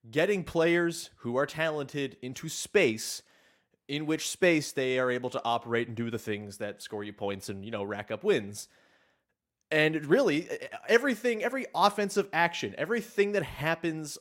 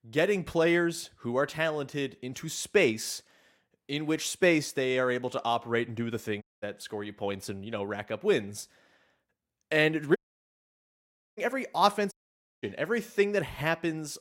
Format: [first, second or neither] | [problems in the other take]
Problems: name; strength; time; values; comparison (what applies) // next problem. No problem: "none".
first | audio cutting out; at 6.5 s, at 10 s for 1 s and at 12 s for 0.5 s